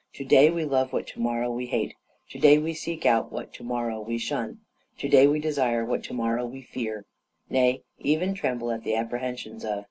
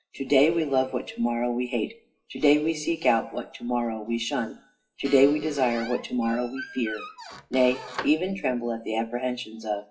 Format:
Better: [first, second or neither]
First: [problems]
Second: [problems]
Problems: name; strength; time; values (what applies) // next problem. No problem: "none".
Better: first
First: none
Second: noise reduction (classical method WPE with log-MMSE)